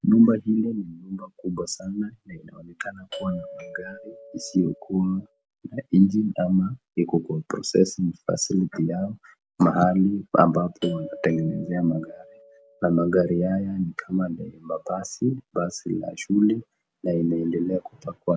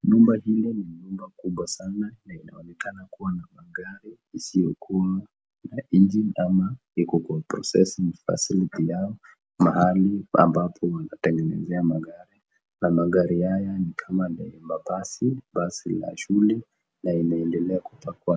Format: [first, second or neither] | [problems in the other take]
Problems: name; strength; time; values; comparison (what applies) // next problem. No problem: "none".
second | background sound (Doorbell); 16 dB below the speech